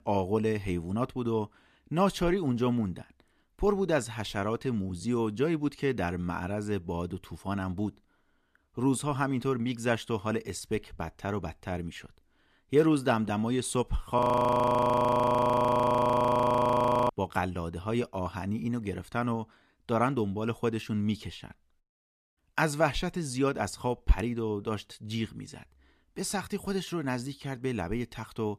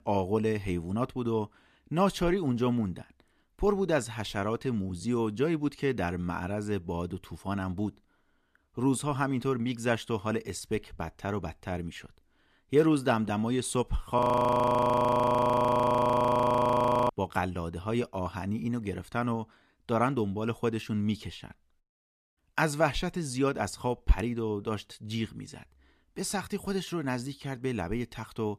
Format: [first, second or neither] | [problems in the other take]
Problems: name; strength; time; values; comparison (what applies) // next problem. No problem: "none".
neither | audio freezing; at 14 s for 3 s; the same in both